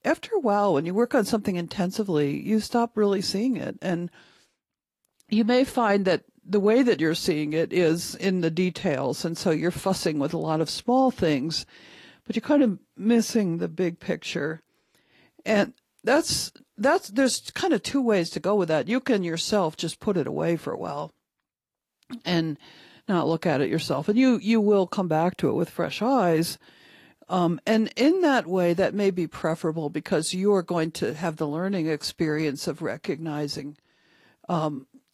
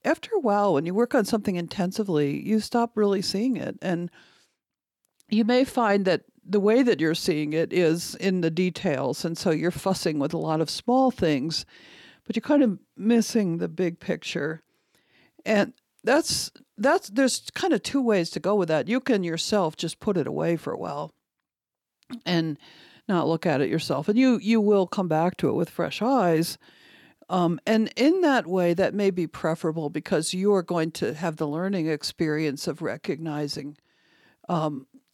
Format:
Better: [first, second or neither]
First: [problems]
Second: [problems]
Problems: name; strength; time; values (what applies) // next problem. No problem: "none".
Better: second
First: garbled, watery; slightly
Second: none